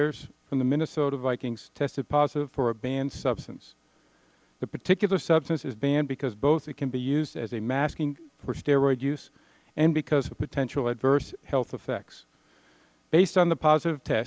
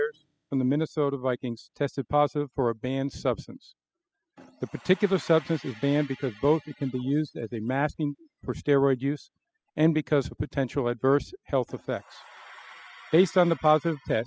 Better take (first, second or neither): first